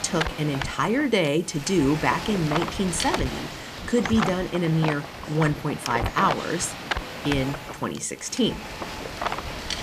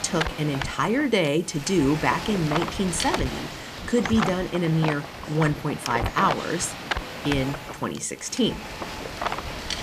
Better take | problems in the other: neither | wind noise on the microphone; heavy; 4 dB below the speech; the same in both

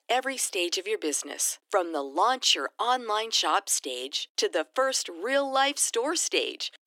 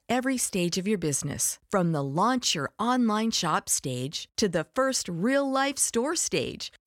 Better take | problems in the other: second | thin; very; fading below 300 Hz

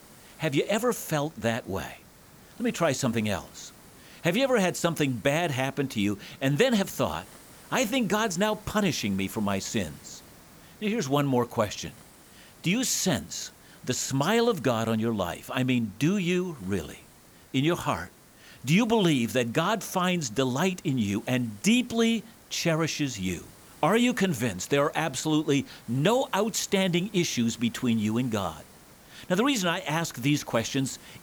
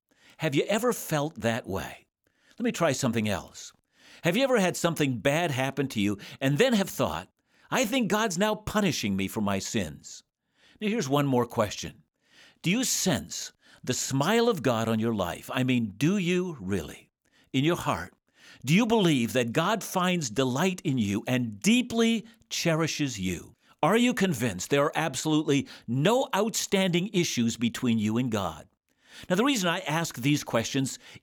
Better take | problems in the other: second | hiss; faint; throughout; 25 dB below the speech

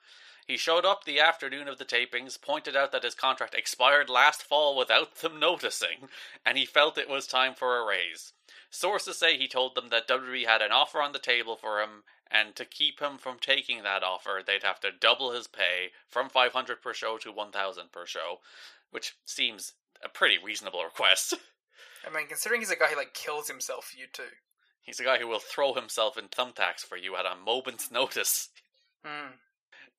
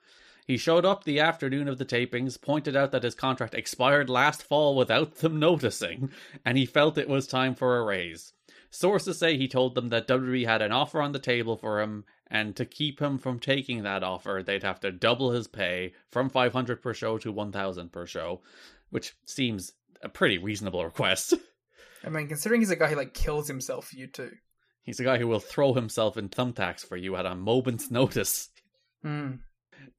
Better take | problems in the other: second | thin; very; fading below 800 Hz

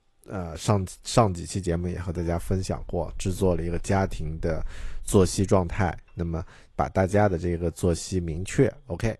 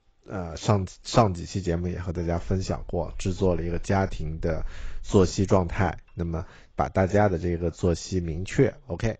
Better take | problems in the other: first | garbled, watery; badly; nothing above 7.5 kHz; slightly in the first

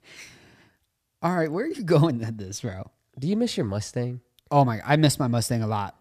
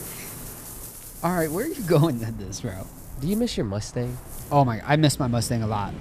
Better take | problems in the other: first | rain or running water; noticeable; throughout; 15 dB below the speech

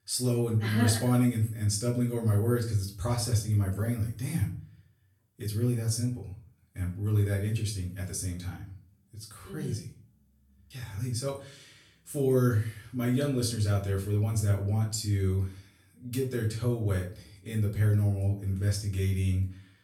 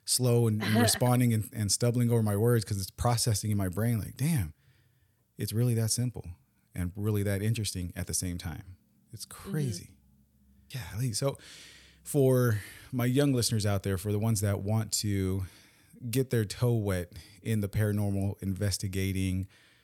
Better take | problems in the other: second | off-mic speech; far // room echo; slight; dies away in 0.4 s

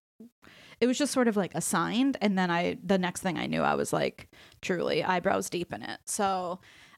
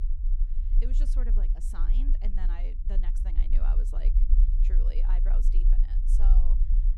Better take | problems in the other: first | low rumble; loud; throughout; 4 dB below the speech

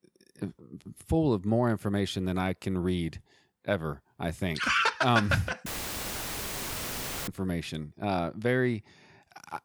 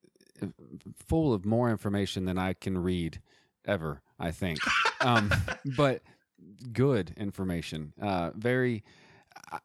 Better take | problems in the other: second | audio cutting out; filled with static; at 5.5 s for 1.5 s

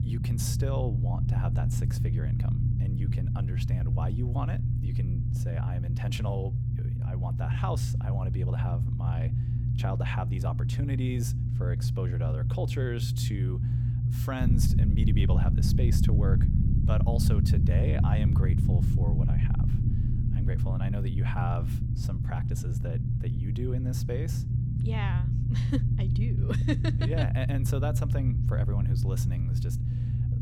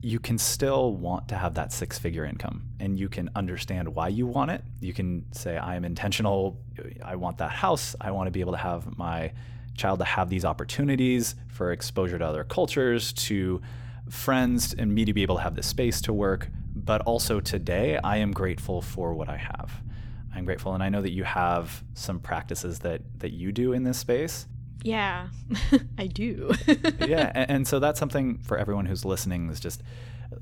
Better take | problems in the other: second | low rumble; loud; throughout; 1 dB below the speech; faint in the second

